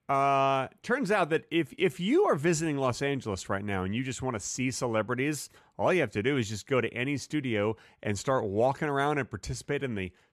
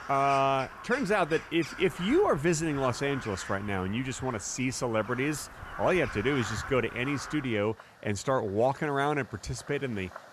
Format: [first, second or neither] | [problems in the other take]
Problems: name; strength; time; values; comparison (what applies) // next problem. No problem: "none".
first | animal sounds; noticeable; throughout; 15 dB below the speech